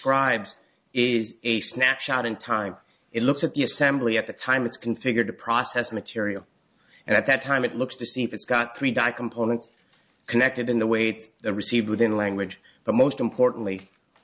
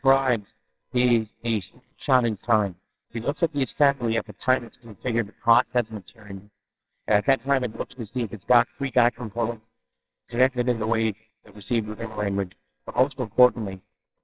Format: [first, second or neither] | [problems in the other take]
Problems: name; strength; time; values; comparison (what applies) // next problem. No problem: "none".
first | noise reduction (neural separator model SepFormer WHAMR!)